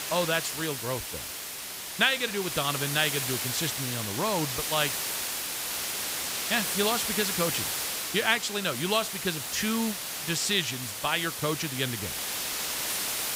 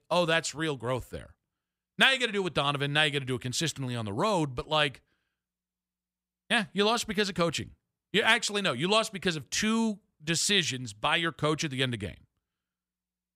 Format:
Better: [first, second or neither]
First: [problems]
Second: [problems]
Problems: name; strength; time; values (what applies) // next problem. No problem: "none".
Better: second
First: hiss; loud; throughout; 2 dB below the speech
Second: none